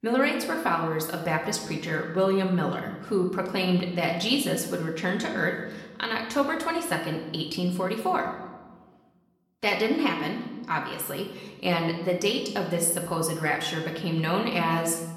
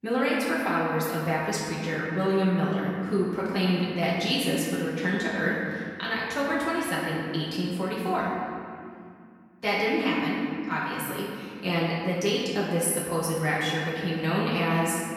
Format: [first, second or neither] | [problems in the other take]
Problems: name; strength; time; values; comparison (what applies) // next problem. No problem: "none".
first | room echo; strong; dies away in 2.3 s; slight in the first // off-mic speech; far; somewhat distant in the first